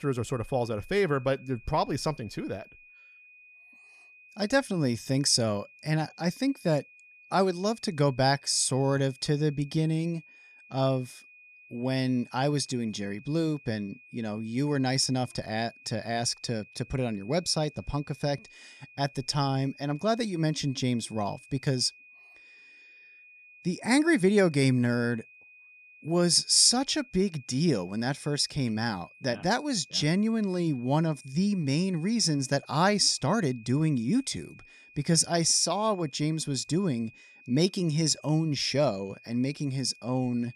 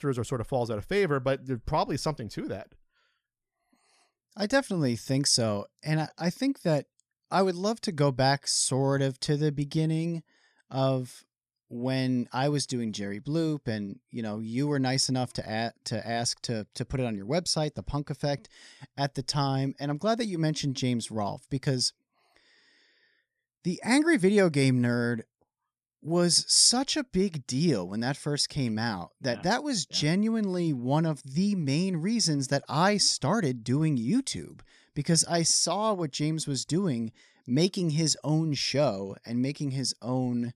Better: second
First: high-pitched whine; faint; throughout; 2.5 kHz, 25 dB below the speech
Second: none

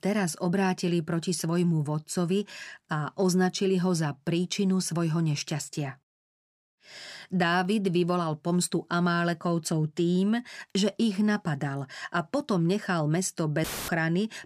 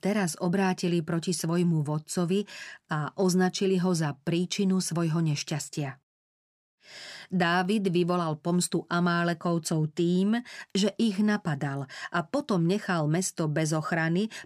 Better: second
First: audio cutting out; filled with static; at 14 s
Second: none

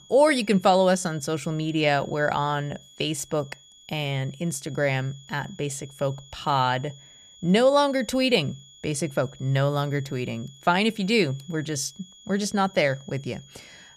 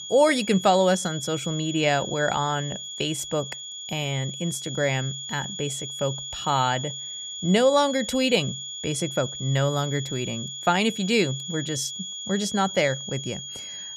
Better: first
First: high-pitched whine; faint; throughout; 3.5 kHz, 25 dB below the speech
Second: high-pitched whine; loud; throughout; 3.5 kHz, 8 dB below the speech

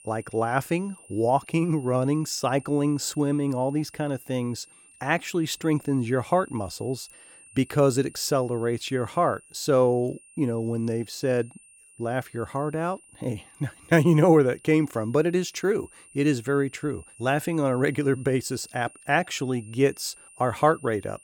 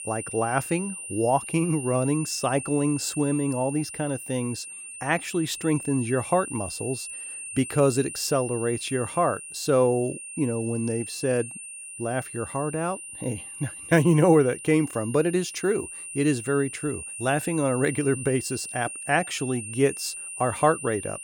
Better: first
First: high-pitched whine; faint; throughout; 9 kHz, 25 dB below the speech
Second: high-pitched whine; loud; throughout; 9 kHz, 9 dB below the speech

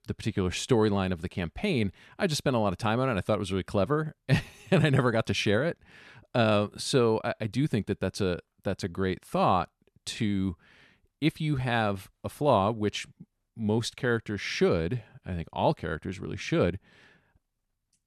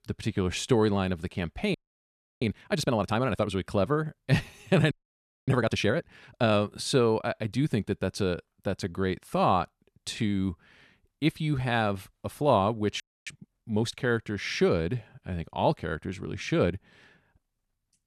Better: first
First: none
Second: audio freezing; at 1.5 s for 0.5 s, at 5 s for 0.5 s and at 13 s

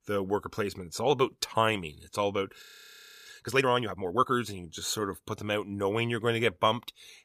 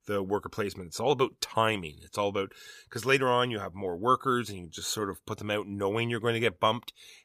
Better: second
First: audio freezing; at 2.5 s for 0.5 s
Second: none

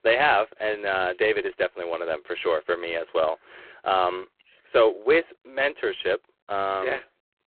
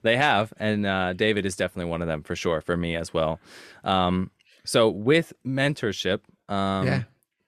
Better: second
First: phone-call audio; poor line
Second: none

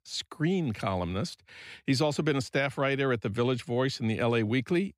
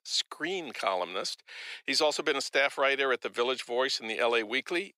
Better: first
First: none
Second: thin; very; fading below 450 Hz

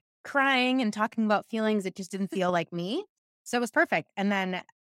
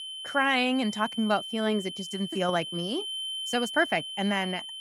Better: first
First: none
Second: high-pitched whine; loud; throughout; 3 kHz, 7 dB below the speech

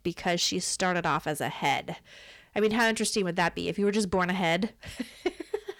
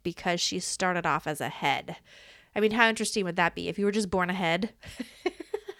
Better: second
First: distortion; slight; 10 dB below the speech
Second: none

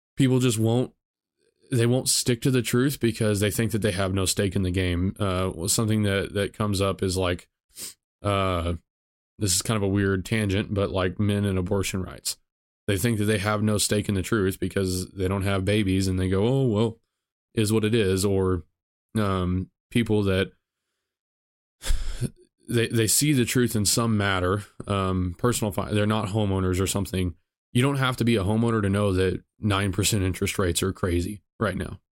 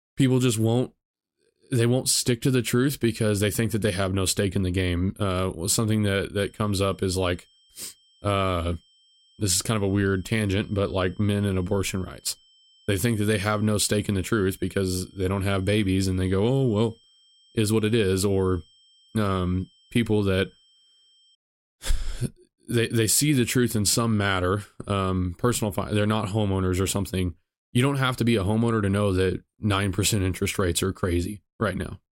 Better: first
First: none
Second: high-pitched whine; faint; from 6.5 to 21 s; 3 kHz, 30 dB below the speech

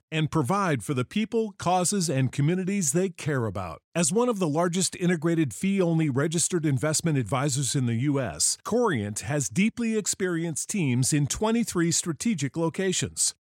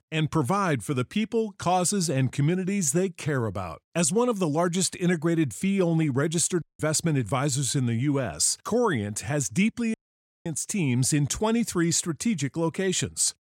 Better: first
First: none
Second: audio cutting out; at 6.5 s and at 10 s for 0.5 s

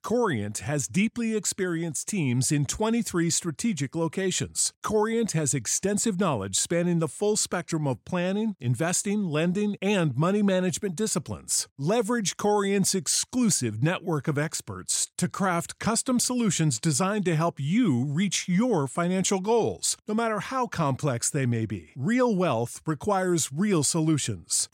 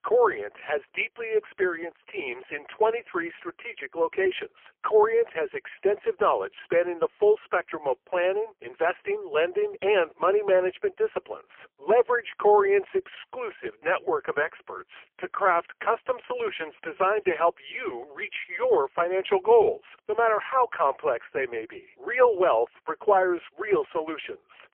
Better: first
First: none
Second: phone-call audio; poor line; nothing above 3 kHz

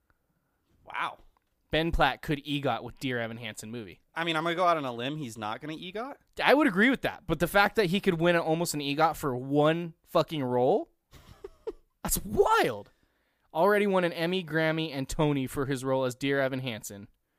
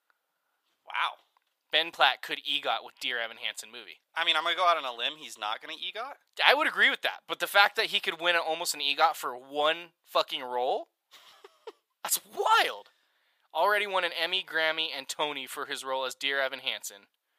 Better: first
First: none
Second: thin; very; fading below 800 Hz

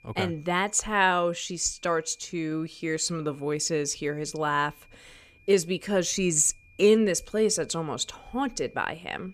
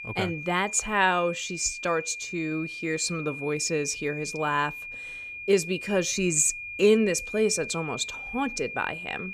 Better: first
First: high-pitched whine; faint; throughout; 2.5 kHz, 30 dB below the speech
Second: high-pitched whine; loud; throughout; 2.5 kHz, 9 dB below the speech

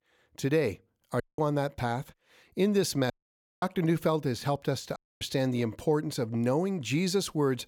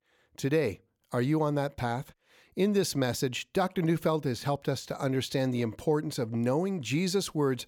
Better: second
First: audio cutting out; at 1 s, at 3 s for 0.5 s and at 5 s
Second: none

